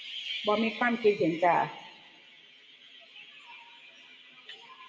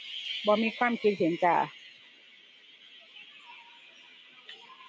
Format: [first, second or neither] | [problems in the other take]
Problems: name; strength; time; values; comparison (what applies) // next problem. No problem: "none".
second | room echo; dies away in 0.5 s